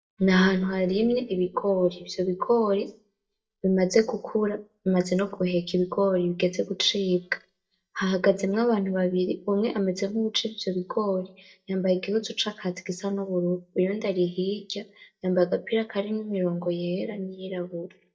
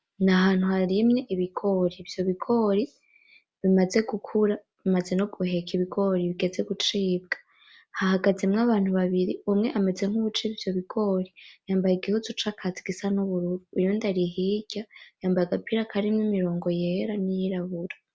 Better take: second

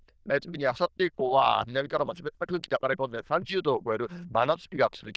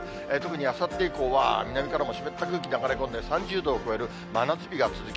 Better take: second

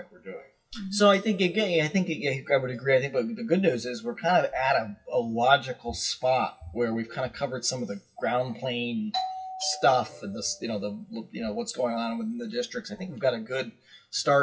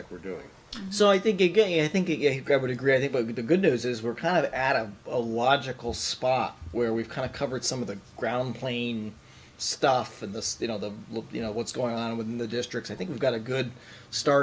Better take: second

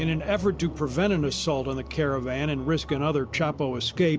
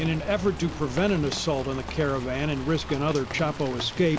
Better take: first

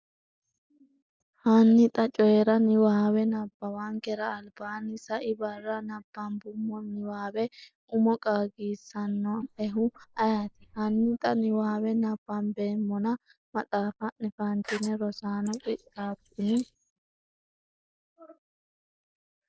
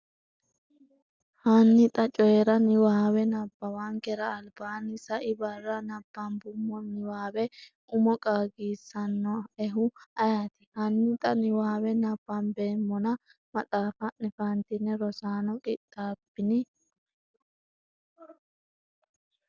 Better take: second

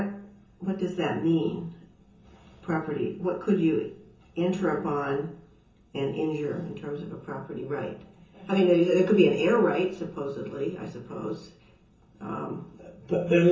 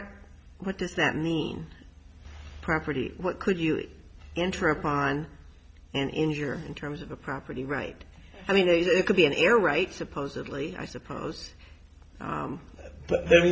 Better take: second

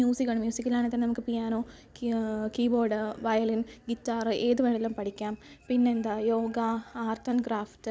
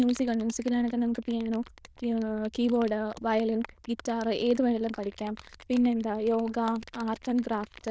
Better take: first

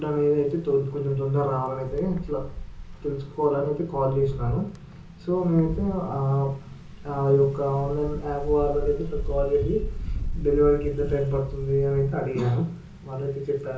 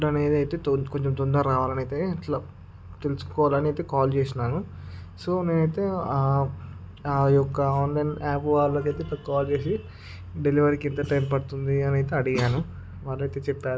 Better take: second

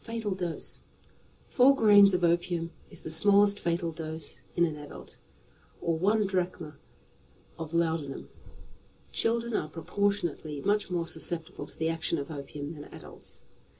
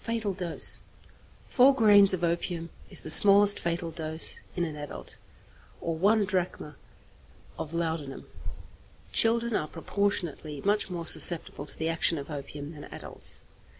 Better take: second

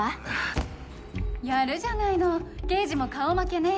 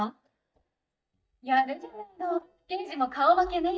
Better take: first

